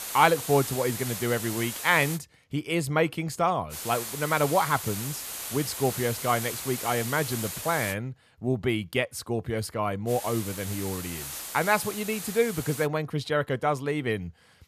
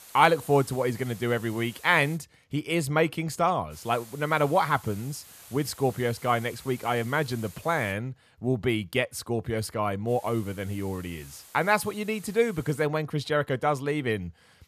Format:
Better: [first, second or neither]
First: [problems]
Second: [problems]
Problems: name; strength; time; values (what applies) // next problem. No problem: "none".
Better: second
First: hiss; loud; until 2 s, from 3.5 to 8 s and from 10 to 13 s; 7 dB below the speech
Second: hiss; faint; until 2 s, from 3.5 to 8 s and from 10 to 13 s; 20 dB below the speech